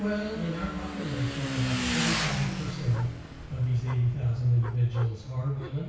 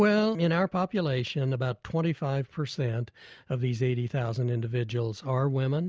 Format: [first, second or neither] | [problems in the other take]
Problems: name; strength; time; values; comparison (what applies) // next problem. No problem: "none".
second | background sound (Motorcycle / Engine); 6 dB below the speech // room echo; dies away in 0.6 s